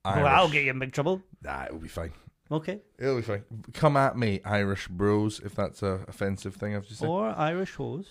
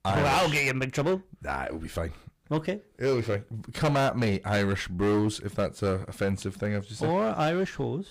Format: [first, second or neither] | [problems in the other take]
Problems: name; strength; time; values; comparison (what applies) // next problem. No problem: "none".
first | distortion; heavy; 10% of the sound clipped